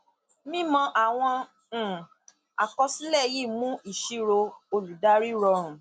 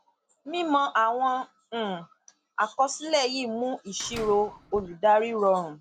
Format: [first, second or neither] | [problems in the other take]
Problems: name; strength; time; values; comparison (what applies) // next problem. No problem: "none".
first | background sound (Slam); 16 dB below the speech